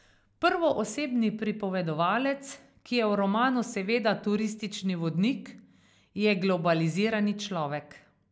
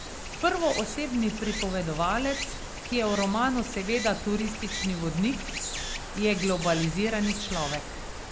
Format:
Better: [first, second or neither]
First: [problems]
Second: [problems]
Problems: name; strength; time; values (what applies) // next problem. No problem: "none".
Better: first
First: none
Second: background sound (Stream); 6 dB below the speech